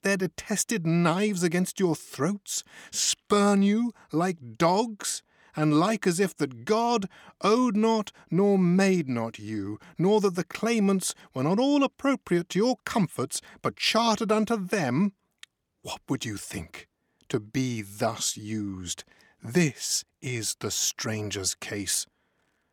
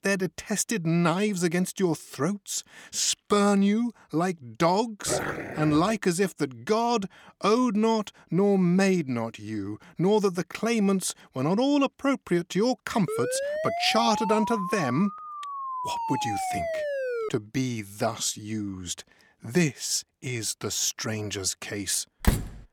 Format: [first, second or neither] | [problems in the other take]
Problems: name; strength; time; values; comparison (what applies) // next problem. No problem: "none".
first | dog barking; noticeable; at 5 s; peak 4 dB below the speech // siren; noticeable; from 13 to 17 s; peak 3 dB below the speech // door banging; noticeable; at 22 s; peak 1 dB below the speech